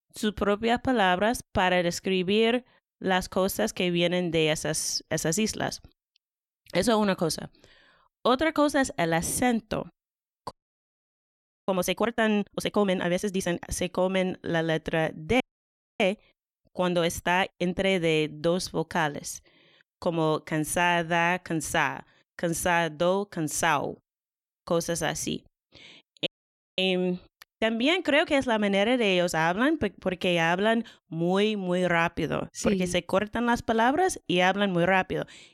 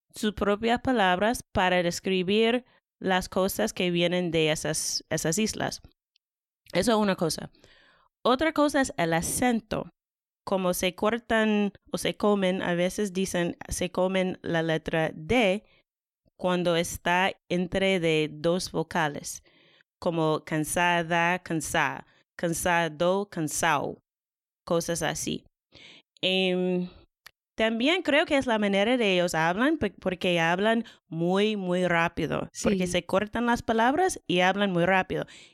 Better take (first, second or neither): second